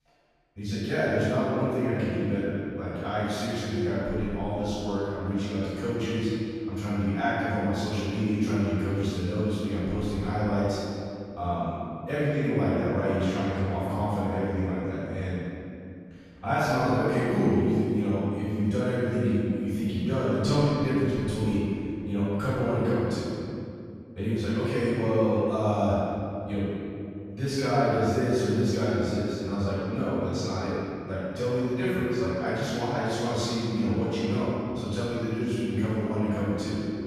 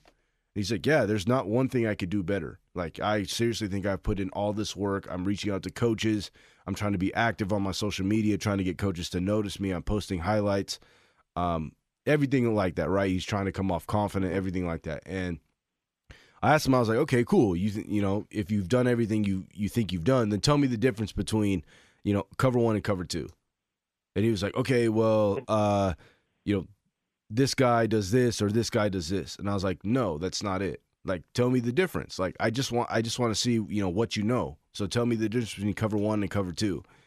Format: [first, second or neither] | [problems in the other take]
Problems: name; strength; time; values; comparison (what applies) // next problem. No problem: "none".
second | off-mic speech; far // room echo; strong; dies away in 2.3 s